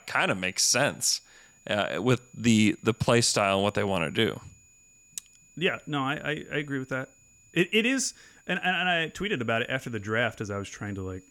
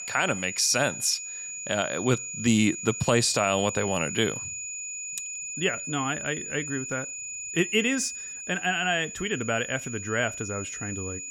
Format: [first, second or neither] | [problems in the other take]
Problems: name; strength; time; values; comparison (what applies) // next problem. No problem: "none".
first | high-pitched whine; loud; throughout; 7 kHz, 7 dB below the speech; faint in the first